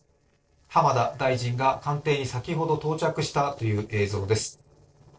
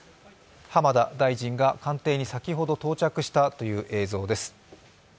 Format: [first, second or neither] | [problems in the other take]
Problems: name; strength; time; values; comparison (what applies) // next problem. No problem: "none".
second | noise reduction (neural separator model SepFormer DNS4)